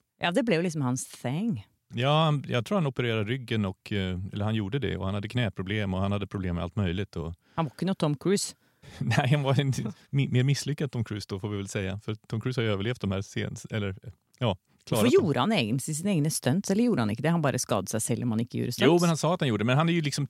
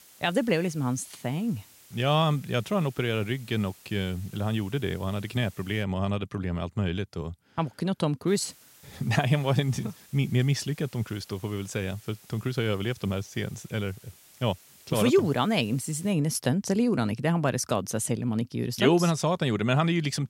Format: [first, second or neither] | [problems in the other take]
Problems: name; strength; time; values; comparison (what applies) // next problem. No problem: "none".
first | hiss; faint; until 6 s and from 8.5 to 16 s; 25 dB below the speech